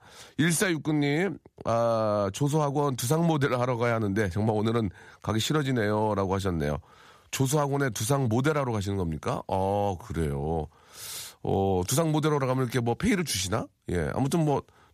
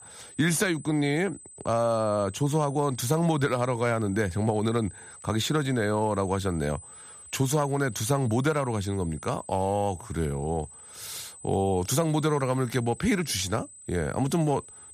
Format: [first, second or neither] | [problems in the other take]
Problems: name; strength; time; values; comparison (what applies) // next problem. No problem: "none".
first | high-pitched whine; noticeable; throughout; 8 kHz, 20 dB below the speech